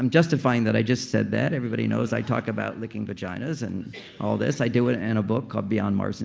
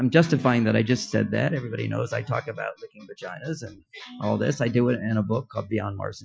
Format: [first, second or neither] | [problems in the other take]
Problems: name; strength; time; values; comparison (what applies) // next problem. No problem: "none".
first | noise reduction (classical method Wiener filter)